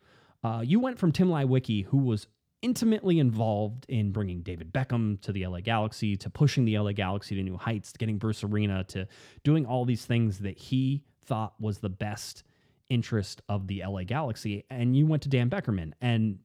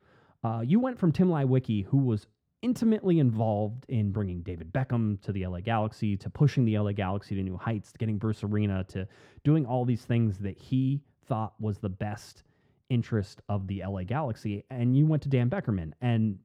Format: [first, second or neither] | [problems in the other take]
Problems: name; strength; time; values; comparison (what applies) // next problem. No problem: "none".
first | muffled; slightly; fading above 2 kHz